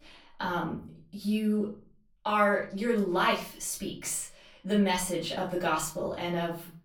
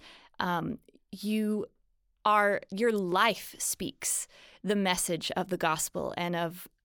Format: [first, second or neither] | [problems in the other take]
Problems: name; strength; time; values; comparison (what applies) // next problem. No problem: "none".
second | room echo; slight; dies away in 0.4 s // off-mic speech; far